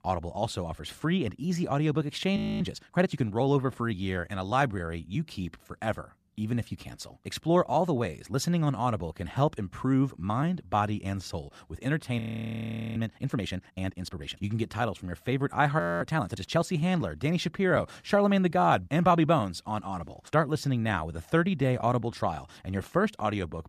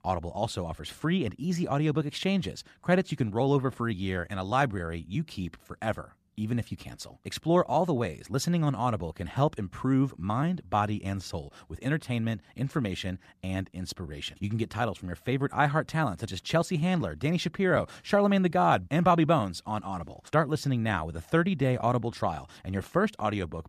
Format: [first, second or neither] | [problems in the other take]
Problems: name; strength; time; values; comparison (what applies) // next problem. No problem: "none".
second | audio freezing; at 2.5 s, at 12 s for 1 s and at 16 s